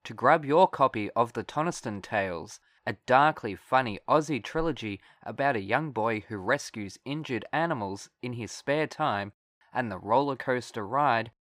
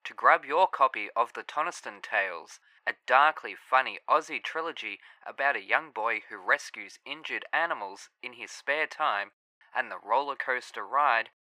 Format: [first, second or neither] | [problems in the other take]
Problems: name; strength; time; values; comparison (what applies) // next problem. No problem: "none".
first | thin; very; fading below 600 Hz